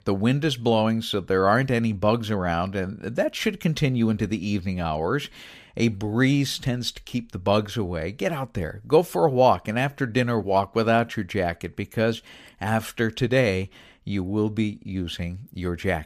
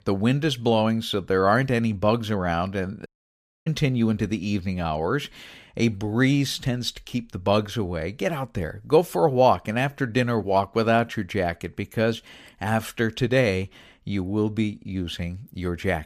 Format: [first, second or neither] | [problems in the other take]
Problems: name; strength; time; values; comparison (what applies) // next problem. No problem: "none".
first | audio cutting out; at 3 s for 0.5 s